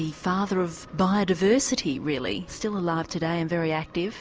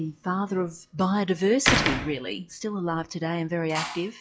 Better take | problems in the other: first | noise reduction (classical method log-MMSE)

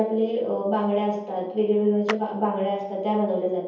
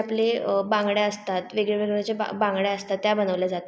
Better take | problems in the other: second | background sound (Clapping); 15 dB below the speech // room echo; dies away in 0.7 s

